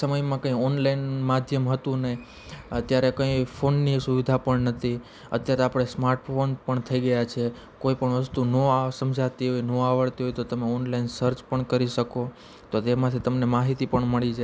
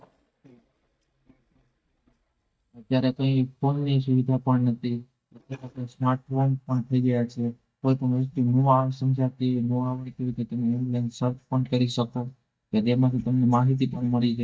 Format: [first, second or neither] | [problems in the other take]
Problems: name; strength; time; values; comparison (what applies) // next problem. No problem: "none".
first | noise reduction (neural mask model DeepFilterNet 3)